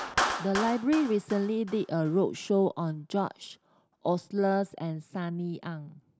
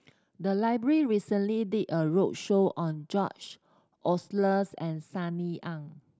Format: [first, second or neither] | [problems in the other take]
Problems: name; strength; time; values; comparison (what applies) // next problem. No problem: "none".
second | background sound (Clapping); 9 dB below the speech